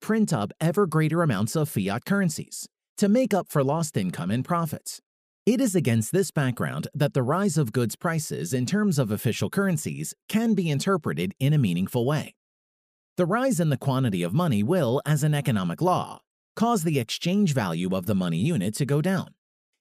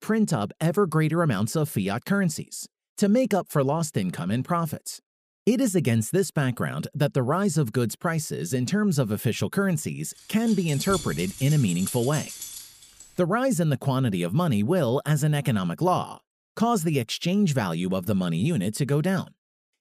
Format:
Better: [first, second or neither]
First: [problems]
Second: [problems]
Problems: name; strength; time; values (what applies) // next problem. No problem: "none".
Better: first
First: none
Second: jangling keys; noticeable; from 10 to 13 s; peak 8 dB below the speech